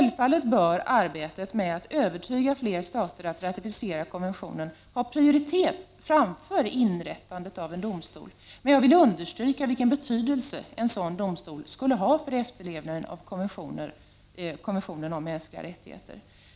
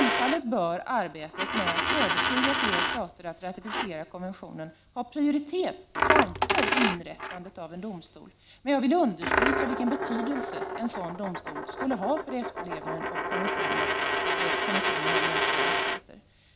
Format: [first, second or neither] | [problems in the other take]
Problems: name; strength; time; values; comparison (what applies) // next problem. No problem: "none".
first | background sound (Coin (dropping)); 2 dB above the speech